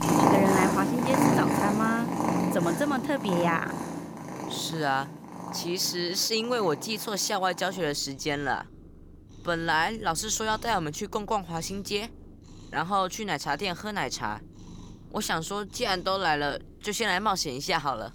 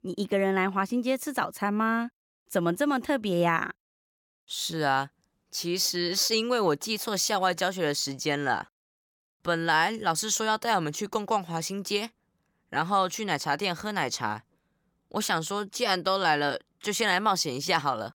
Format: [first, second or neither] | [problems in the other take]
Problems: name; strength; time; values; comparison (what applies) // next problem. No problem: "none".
second | animal sounds; loud; throughout; as loud as the speech